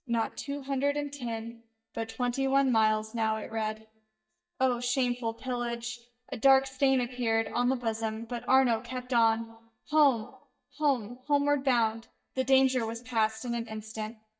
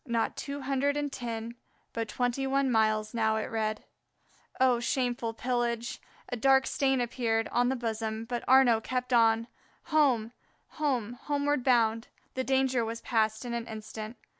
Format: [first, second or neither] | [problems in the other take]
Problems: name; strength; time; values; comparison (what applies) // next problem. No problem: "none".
second | noise reduction (neural mask model DeepFilterNet 3)